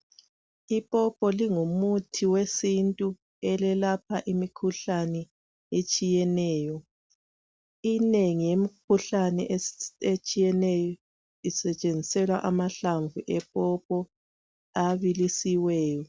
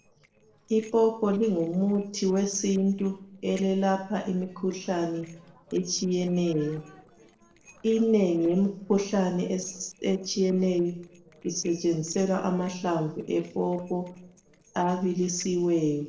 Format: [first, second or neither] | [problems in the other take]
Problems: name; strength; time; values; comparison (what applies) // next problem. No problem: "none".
first | noise reduction (neural separator model SepFormer DNS4)